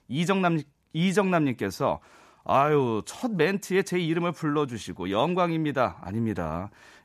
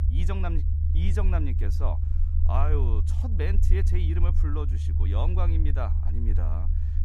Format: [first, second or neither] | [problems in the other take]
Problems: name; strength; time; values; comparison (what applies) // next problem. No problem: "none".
first | low rumble; loud; throughout; 6 dB below the speech